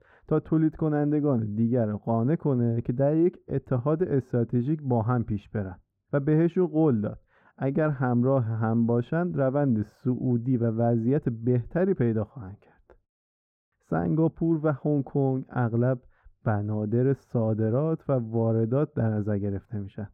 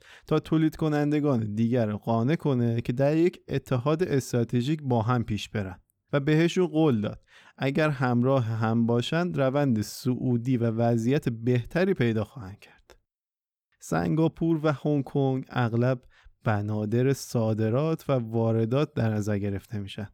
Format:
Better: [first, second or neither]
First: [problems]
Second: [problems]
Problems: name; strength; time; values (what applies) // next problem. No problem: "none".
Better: second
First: muffled; very; fading above 2 kHz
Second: none